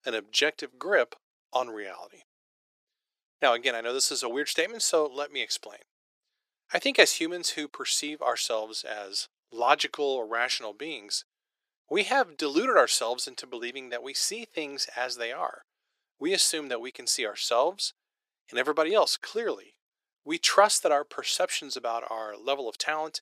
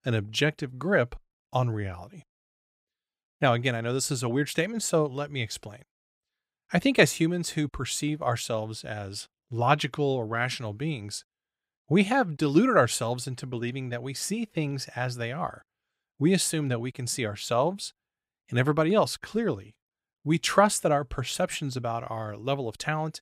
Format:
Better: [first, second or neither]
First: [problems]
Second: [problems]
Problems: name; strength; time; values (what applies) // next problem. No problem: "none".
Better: second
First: thin; very; fading below 350 Hz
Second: none